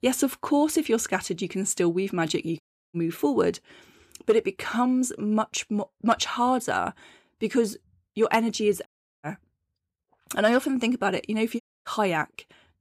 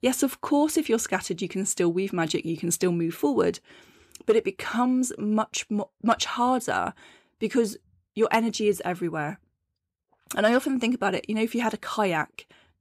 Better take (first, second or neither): second